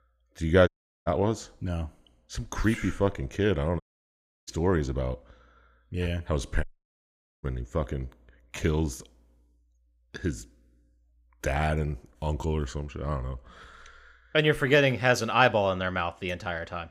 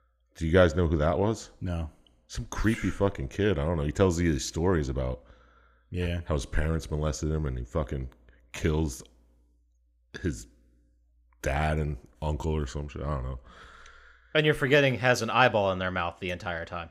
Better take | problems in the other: second | audio cutting out; at 0.5 s, at 4 s for 0.5 s and at 6.5 s for 1 s

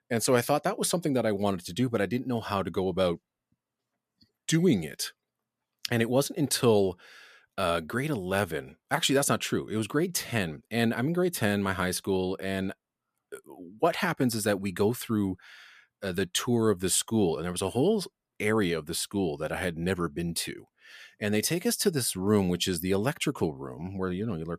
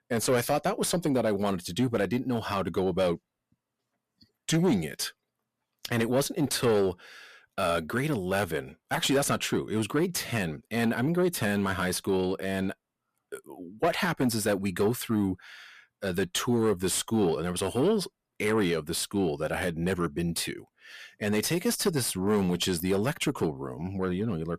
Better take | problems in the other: first | distortion; slight; 10 dB below the speech

